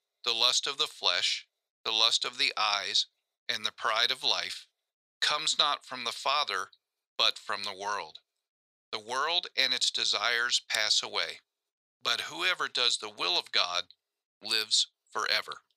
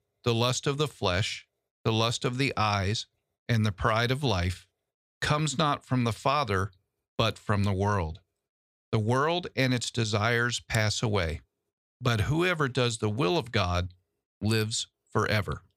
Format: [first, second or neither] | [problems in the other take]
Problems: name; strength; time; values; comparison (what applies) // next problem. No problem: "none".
second | thin; very; fading below 750 Hz